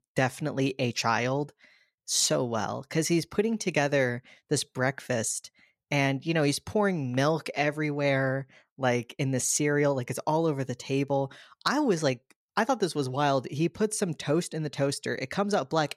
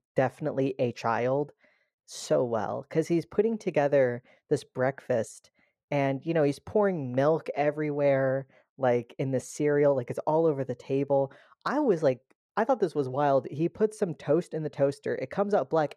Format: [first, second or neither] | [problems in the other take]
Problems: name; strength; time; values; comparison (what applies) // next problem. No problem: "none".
first | muffled; very; fading above 2.5 kHz